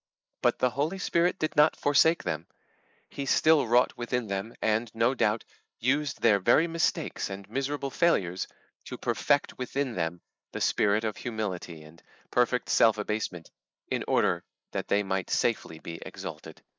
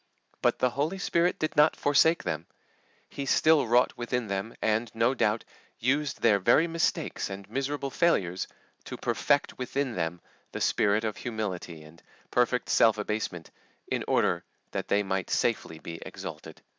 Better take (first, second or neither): second